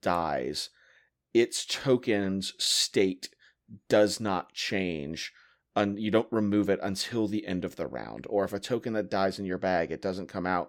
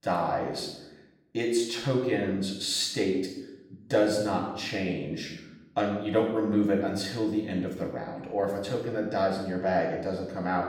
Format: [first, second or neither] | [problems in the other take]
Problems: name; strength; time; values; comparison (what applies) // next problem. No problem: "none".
first | off-mic speech; far // room echo; noticeable; dies away in 0.8 s